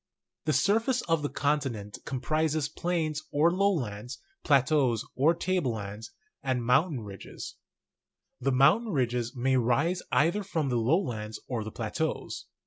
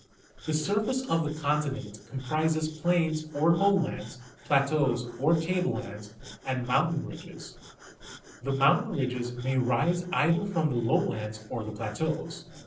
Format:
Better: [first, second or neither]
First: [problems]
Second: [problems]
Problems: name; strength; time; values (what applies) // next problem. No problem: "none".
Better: first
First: none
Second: noise reduction (neural separator model SepFormer DNS4)